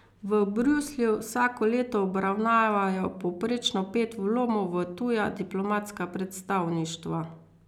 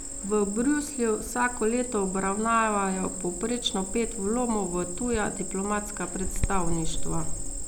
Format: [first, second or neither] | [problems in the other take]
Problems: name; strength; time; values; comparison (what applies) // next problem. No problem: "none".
first | background sound (Cricket); 3 dB below the speech